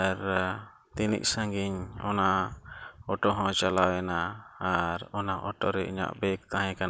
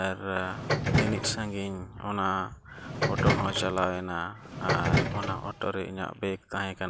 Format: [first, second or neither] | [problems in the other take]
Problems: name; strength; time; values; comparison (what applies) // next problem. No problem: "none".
first | background sound (Subway, metro, underground); 2 dB above the speech